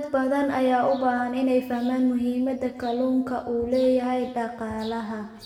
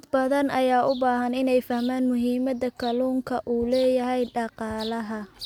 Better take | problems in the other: second | room echo; dies away in 1.1 s

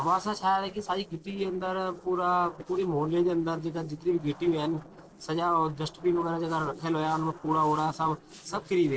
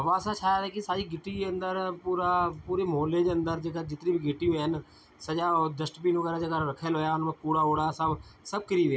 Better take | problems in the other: second | noise reduction (neural separator model SepFormer DNS4)

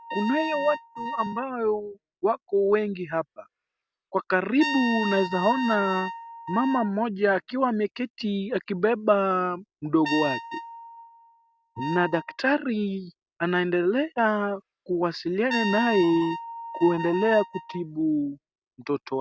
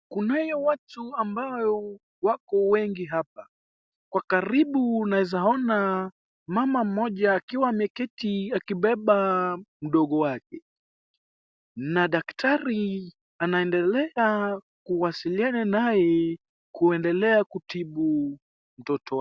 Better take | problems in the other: second | noise reduction (neural mask model RNNoise)

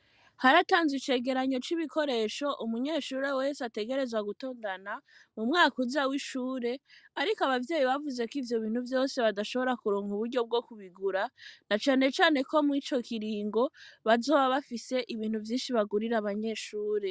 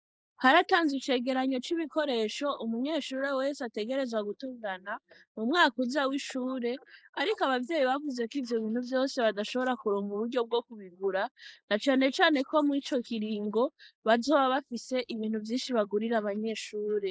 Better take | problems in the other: first | noise reduction (neural mask model Resemble Enhance denoiser)

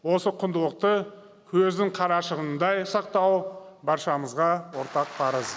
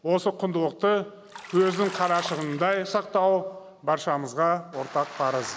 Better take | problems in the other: first | background sound (Bathtub (filling or washing)); 15 dB below the speech

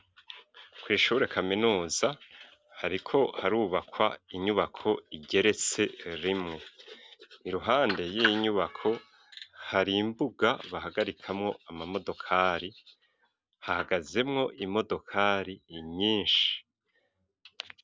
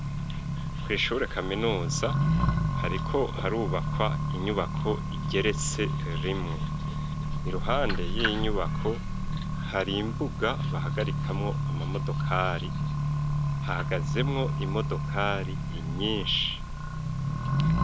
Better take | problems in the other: first | background sound (Accelerating, revving, vroom); 3 dB above the speech

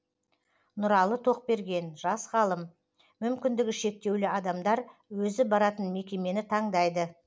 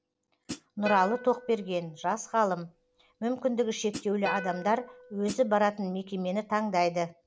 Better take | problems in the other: first | background sound (Plucked string instrument + Hi-hat); 14 dB below the speech

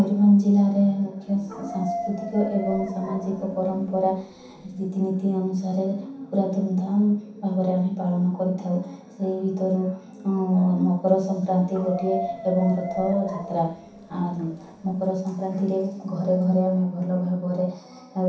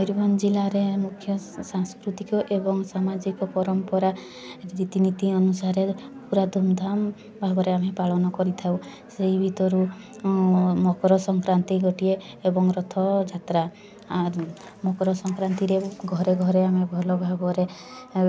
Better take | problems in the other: second | background sound (Dog); 11 dB below the speech // room echo; dies away in 0.7 s

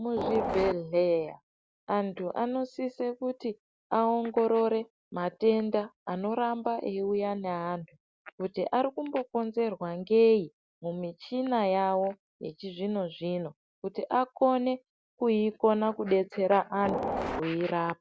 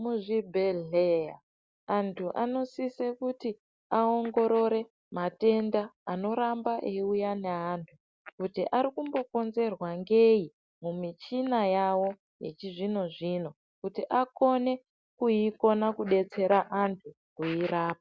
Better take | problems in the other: second | background sound (Train); 2 dB below the speech

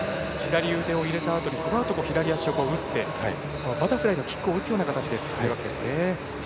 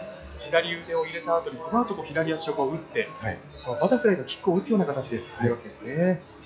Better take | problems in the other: first | noise reduction (classical method log-MMSE)

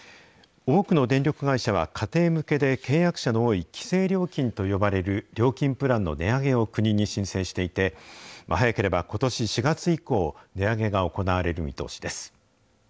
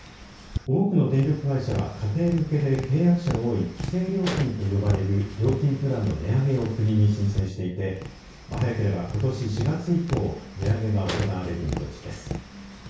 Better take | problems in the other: first | background sound (Tap); 10 dB below the speech // room echo; dies away in 0.6 s

